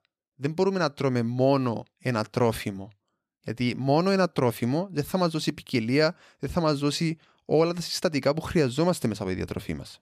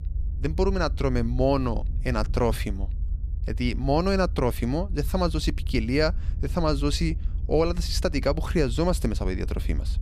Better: first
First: none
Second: low rumble; faint; throughout; 20 dB below the speech

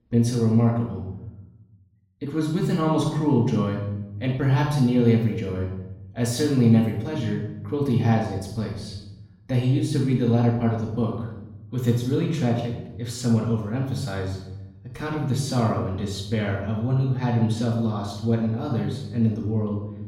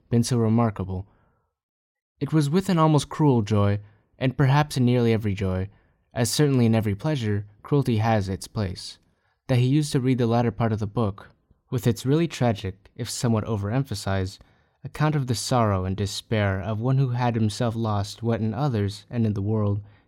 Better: second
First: off-mic speech; far // room echo; noticeable; dies away in 0.8 s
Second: none

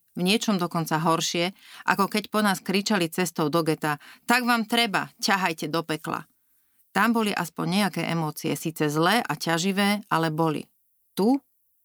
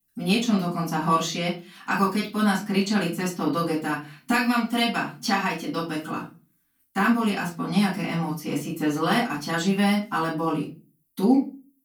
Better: first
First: none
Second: off-mic speech; far // room echo; slight; dies away in 0.3 s

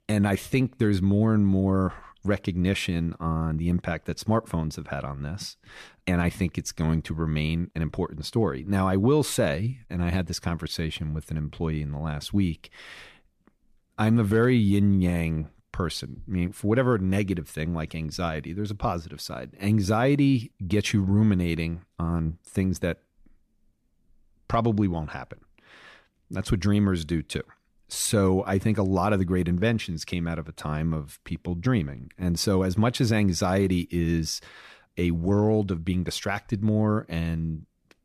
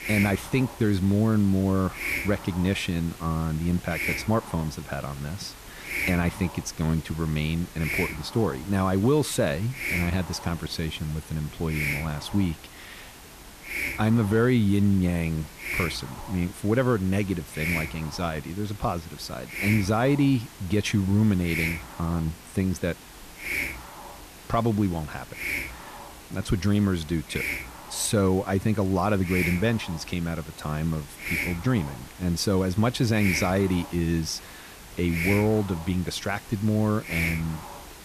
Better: first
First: none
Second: hiss; loud; throughout; 8 dB below the speech

